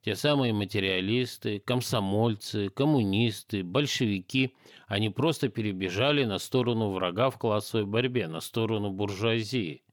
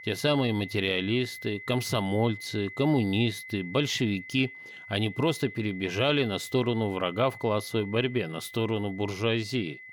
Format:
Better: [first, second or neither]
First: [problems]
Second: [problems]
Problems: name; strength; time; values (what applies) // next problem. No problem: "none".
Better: first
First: none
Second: high-pitched whine; noticeable; throughout; 2 kHz, 15 dB below the speech